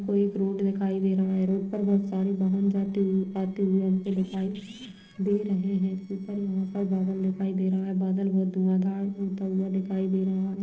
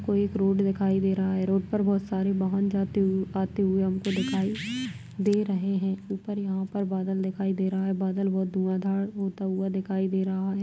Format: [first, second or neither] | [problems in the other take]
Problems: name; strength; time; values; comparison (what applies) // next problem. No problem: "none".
second | noise reduction (neural separator model SepFormer DNS4)